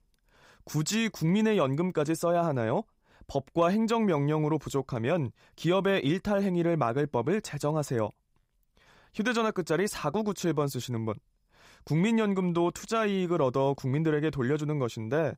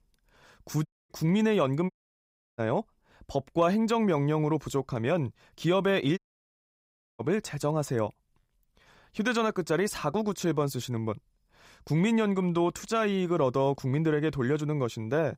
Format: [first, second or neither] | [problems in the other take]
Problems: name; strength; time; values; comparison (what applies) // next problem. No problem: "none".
first | audio cutting out; at 1 s, at 2 s for 0.5 s and at 6 s for 1 s